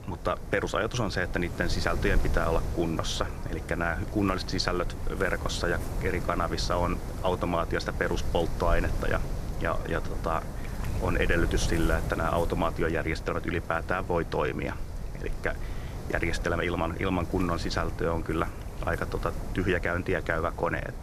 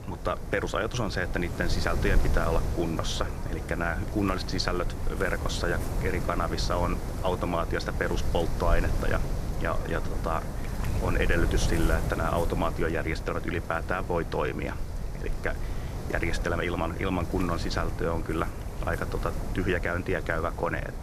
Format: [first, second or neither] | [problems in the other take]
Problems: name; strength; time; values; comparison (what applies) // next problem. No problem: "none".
first | wind noise on the microphone; heavy; 10 dB below the speech; occasional gusts in the first